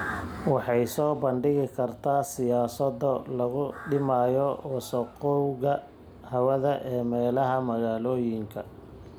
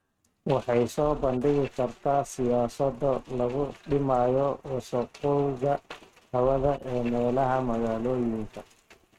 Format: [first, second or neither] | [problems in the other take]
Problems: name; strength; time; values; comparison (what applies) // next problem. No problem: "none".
first | noise reduction (neural mask model RNNoise)